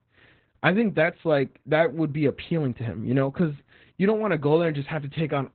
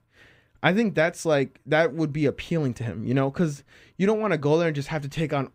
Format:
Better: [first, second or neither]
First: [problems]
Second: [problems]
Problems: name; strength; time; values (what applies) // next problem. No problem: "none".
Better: second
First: garbled, watery; badly; nothing above 4 kHz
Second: none